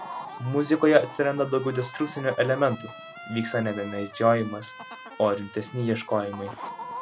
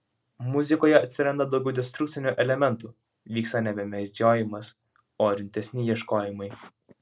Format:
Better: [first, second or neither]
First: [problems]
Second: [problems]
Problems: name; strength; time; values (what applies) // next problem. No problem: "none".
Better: second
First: background sound (Chicken, rooster + Trumpet); 14 dB below the speech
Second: none